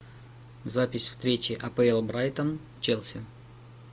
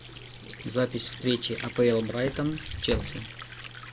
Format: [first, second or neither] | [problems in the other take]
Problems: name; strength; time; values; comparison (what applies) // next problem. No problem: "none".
first | background sound (Sink (filling or washing) / Water + Walk, footsteps); 10 dB below the speech